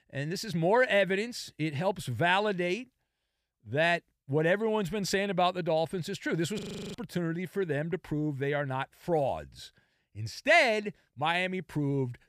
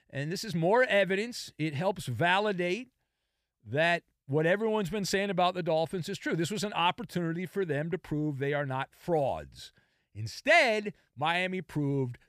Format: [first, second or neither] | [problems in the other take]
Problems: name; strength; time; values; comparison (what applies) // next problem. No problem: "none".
second | audio freezing; at 6.5 s